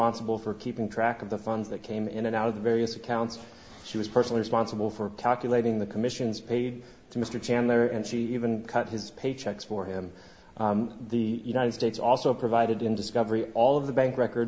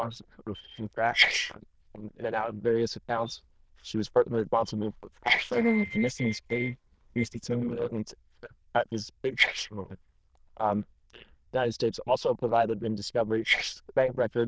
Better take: first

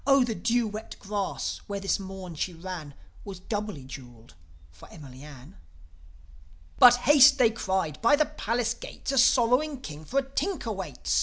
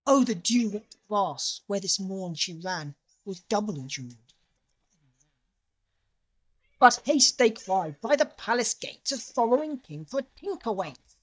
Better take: first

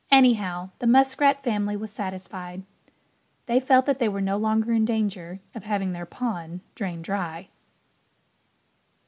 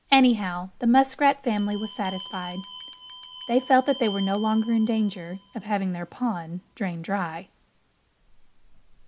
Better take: first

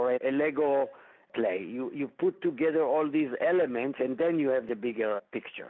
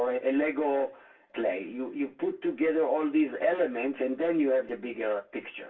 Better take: first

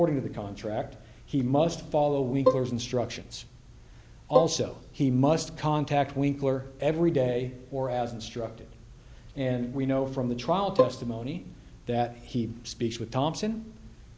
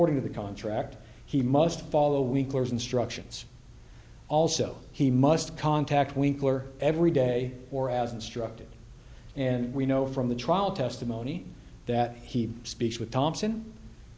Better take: second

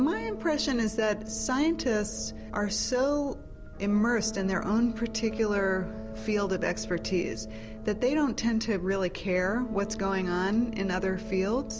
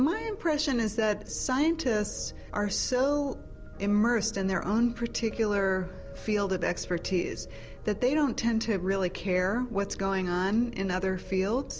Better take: second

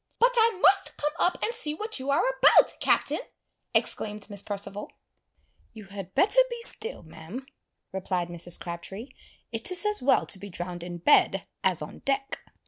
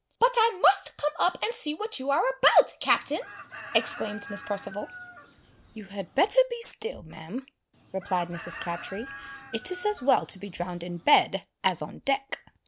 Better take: first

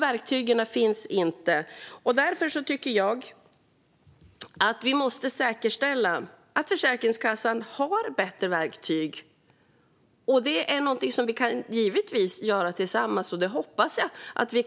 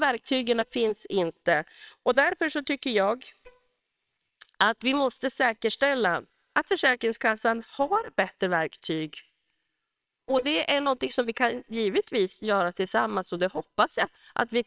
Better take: first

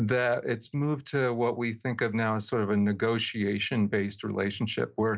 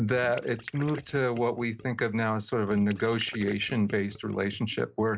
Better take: first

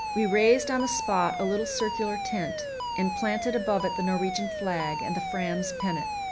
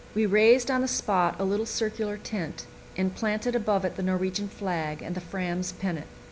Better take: second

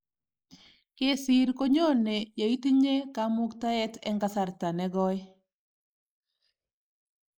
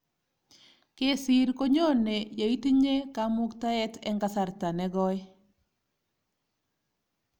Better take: second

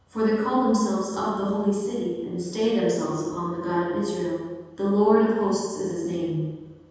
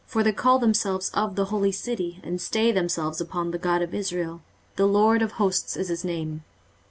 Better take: second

